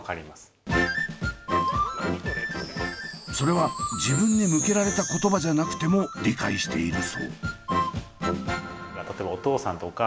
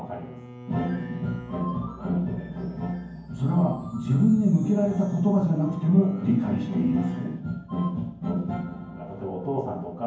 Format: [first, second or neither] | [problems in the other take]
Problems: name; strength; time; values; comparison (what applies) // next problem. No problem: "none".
first | background sound (Bowed string instrument); 19 dB below the speech // room echo; dies away in 0.9 s